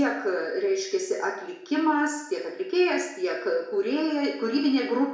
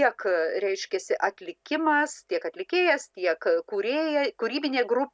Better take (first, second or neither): second